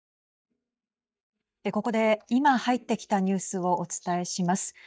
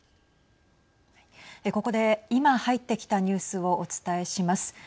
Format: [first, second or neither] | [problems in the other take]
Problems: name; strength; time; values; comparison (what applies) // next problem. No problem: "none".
second | noise reduction (neural mask model DeepFilterNet 3)